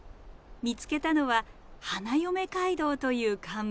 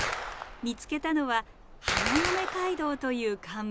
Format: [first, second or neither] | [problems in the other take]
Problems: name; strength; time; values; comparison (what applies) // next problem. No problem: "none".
first | background sound (Gunshot, gunfire); 3 dB below the speech